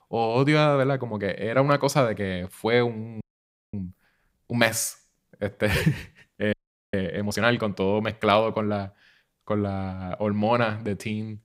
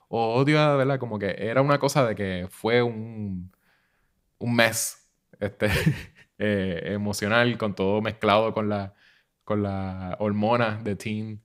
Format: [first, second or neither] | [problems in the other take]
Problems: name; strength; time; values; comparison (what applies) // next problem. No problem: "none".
second | audio freezing; at 3 s for 0.5 s and at 6.5 s